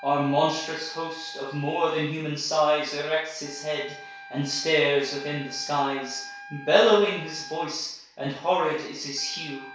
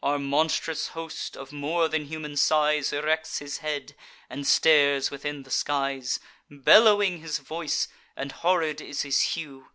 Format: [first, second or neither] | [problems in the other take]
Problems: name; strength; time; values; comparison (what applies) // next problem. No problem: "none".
second | background sound (Wind instrument, woodwind instrument); 18 dB below the speech // room echo; dies away in 0.6 s